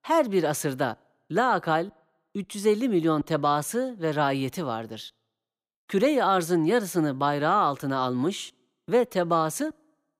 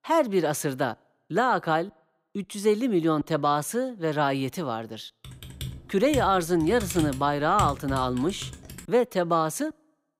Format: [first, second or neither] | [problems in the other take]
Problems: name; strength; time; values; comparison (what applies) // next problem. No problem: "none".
first | keyboard typing; noticeable; from 5 to 9 s; peak 6 dB below the speech